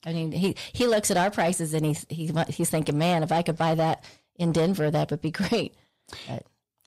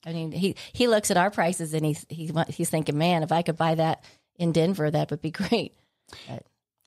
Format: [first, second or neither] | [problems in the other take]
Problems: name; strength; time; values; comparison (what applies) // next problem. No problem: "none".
second | distortion; slight; 10 dB below the speech